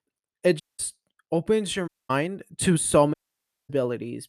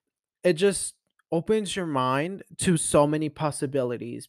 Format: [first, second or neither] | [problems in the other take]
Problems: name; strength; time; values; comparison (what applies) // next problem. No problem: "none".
second | audio cutting out; at 0.5 s, at 2 s and at 3 s for 0.5 s